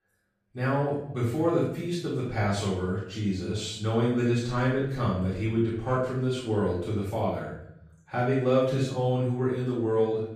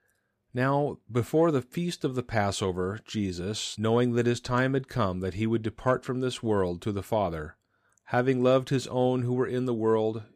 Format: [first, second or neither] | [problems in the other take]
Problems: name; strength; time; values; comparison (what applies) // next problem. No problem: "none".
second | off-mic speech; far // room echo; noticeable; dies away in 0.7 s